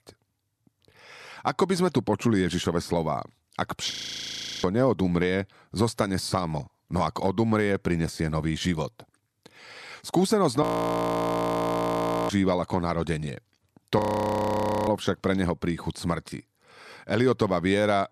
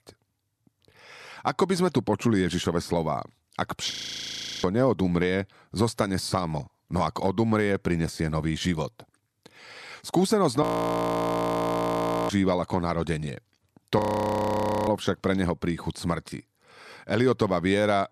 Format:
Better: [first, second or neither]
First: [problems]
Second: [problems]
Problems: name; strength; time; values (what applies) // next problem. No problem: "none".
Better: neither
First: audio freezing; at 4 s for 0.5 s, at 11 s for 1.5 s and at 14 s for 1 s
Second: audio freezing; at 4 s for 0.5 s, at 11 s for 1.5 s and at 14 s for 1 s